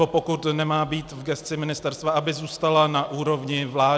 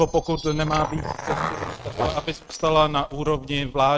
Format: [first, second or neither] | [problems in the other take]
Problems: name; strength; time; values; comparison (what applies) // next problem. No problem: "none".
first | noise reduction (neural mask model RNNoise)